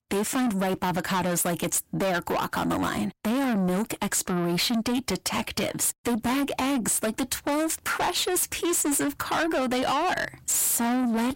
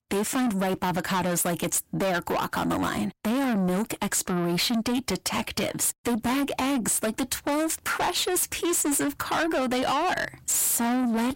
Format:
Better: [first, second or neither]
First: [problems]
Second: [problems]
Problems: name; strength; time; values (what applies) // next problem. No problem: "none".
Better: neither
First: distortion; heavy; 6 dB below the speech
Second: distortion; heavy; 6 dB below the speech